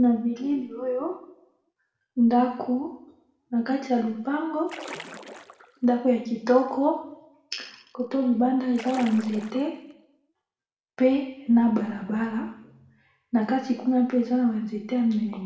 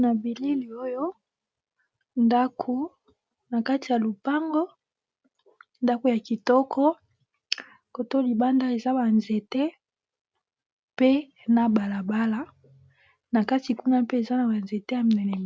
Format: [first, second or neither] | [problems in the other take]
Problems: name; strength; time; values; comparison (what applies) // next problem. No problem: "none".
second | background sound (Splash, splatter); 16 dB below the speech // room echo; dies away in 0.8 s